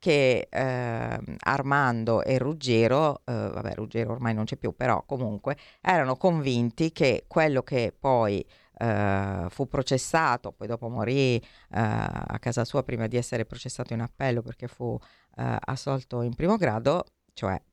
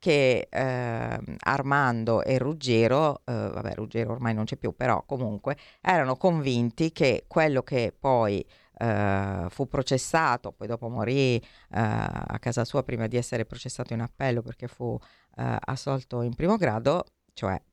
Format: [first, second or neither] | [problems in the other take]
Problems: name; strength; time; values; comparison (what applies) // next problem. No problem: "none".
neither | none